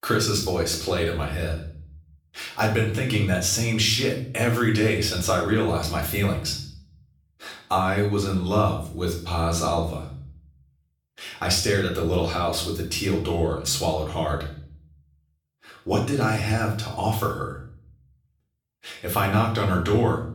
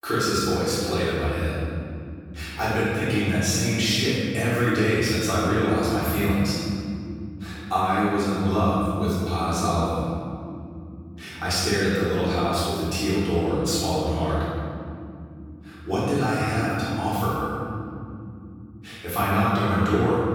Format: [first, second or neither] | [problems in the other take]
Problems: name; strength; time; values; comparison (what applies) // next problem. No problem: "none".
first | room echo; strong; dies away in 3 s; slight in the first // off-mic speech; far; far in the first